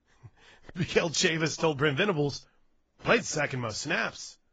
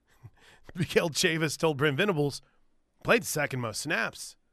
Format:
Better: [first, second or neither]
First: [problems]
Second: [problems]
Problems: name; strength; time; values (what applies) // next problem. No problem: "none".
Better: second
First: garbled, watery; badly; nothing above 7.5 kHz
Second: none